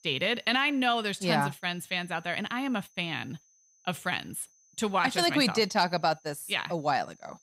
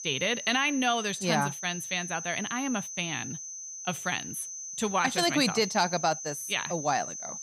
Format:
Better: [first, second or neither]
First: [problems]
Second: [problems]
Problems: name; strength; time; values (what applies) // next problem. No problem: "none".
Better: first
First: high-pitched whine; faint; throughout; 6 kHz, 30 dB below the speech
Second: high-pitched whine; loud; throughout; 6 kHz, 7 dB below the speech